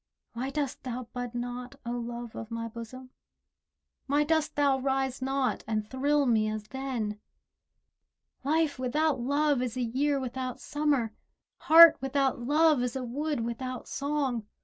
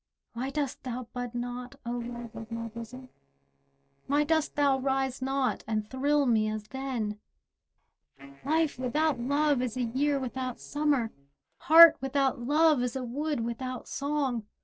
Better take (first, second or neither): first